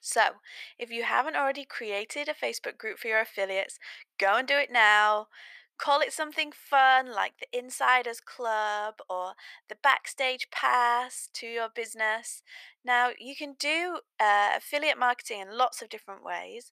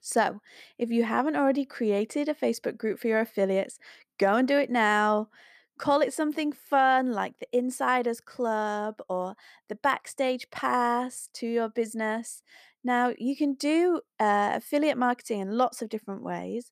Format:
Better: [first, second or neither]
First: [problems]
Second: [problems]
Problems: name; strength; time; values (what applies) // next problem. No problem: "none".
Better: second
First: thin; very; fading below 850 Hz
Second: none